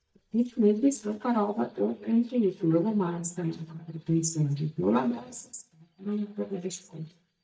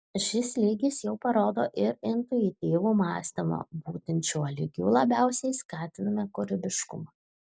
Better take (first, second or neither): second